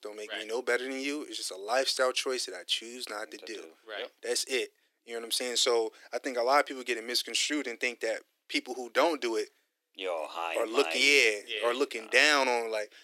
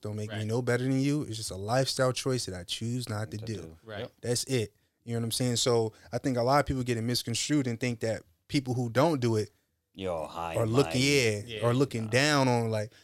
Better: second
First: thin; somewhat; fading below 300 Hz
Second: none

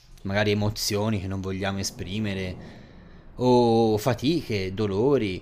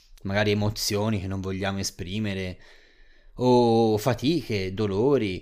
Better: second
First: rain or running water; faint; throughout; 25 dB below the speech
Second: none

